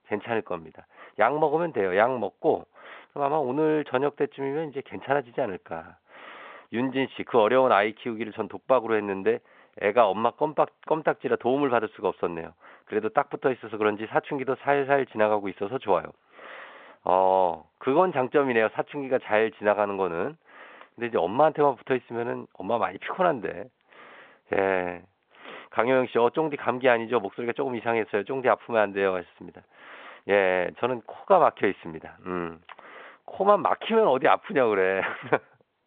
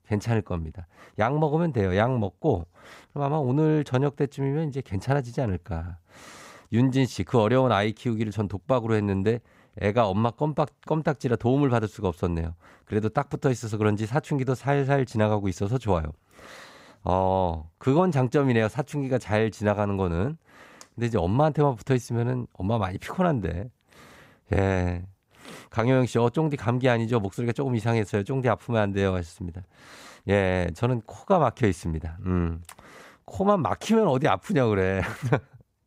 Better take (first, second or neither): second